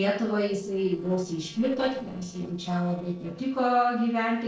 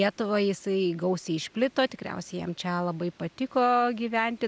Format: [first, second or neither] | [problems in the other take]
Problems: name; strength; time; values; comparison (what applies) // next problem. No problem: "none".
second | noise reduction (neural separator model SepFormer DNS4)